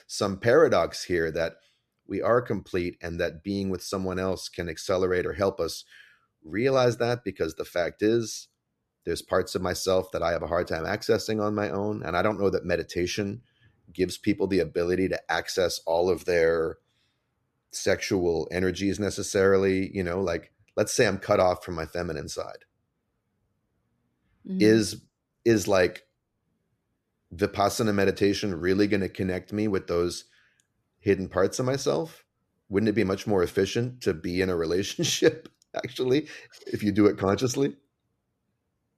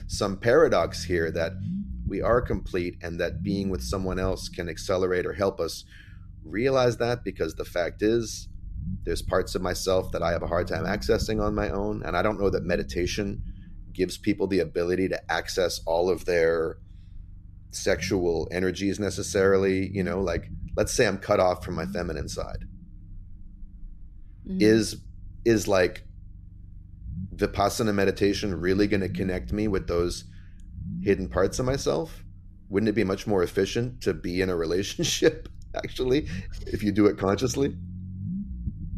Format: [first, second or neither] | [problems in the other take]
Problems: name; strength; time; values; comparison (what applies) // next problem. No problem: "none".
first | low rumble; faint; throughout; 20 dB below the speech